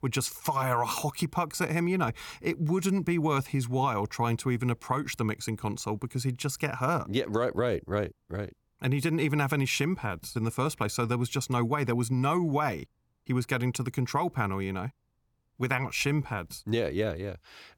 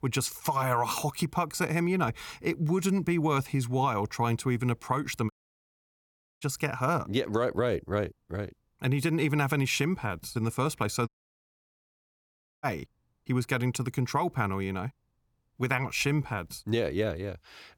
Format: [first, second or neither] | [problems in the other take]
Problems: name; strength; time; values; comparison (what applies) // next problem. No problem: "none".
first | audio cutting out; at 5.5 s for 1 s and at 11 s for 1.5 s